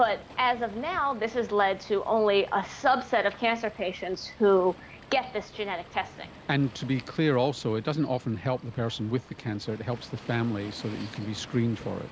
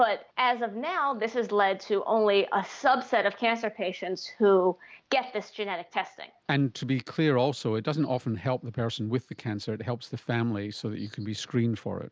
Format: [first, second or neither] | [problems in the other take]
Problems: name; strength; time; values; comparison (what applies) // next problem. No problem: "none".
second | background sound (Waves, surf); 19 dB below the speech